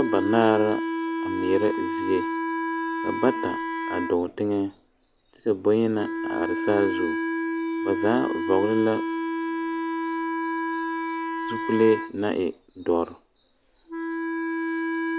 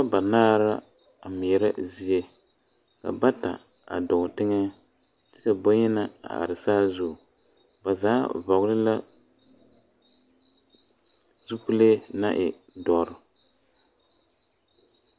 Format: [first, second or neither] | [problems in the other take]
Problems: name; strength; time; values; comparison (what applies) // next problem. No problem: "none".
second | background sound (Wind instrument, woodwind instrument); 2 dB below the speech